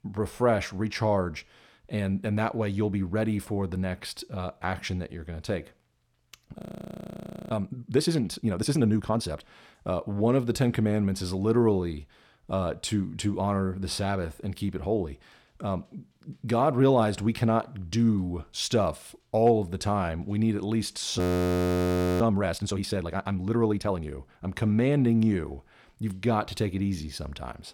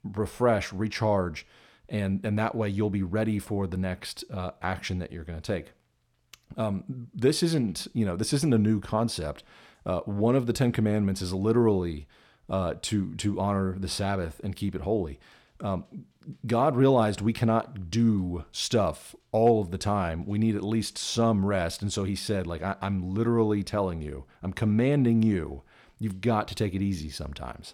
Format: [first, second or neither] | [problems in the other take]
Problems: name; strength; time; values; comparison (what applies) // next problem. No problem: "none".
second | audio freezing; at 6.5 s for 1 s and at 21 s for 1 s